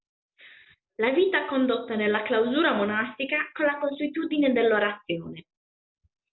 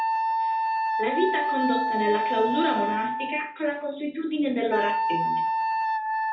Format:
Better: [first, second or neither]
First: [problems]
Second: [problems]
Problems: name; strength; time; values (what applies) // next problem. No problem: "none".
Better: first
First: none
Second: background sound (Wind instrument, woodwind instrument); 2 dB above the speech // room echo; dies away in 0.4 s